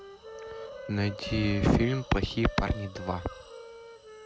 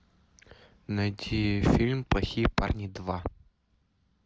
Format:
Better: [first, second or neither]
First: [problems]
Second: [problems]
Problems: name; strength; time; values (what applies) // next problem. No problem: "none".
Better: second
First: background sound (Wind instrument, woodwind instrument + Hiss); 13 dB below the speech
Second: none